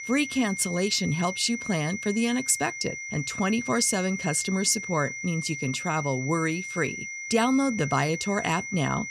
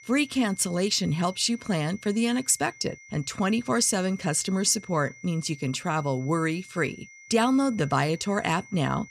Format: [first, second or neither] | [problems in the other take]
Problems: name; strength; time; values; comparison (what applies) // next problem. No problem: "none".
second | high-pitched whine; loud; throughout; 2 kHz, 7 dB below the speech; faint in the second